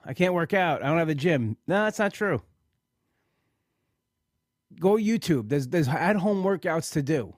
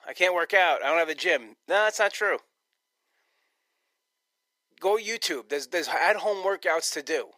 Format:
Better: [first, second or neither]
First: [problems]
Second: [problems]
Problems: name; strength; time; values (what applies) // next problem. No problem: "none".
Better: first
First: none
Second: thin; very; fading below 450 Hz